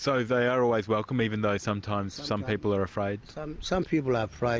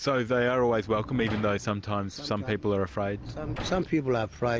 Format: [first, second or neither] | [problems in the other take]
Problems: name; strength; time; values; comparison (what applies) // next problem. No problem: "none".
first | background sound (Sliding door); 14 dB below the speech